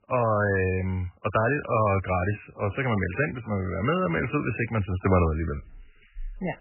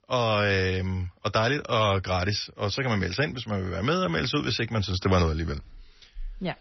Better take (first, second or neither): second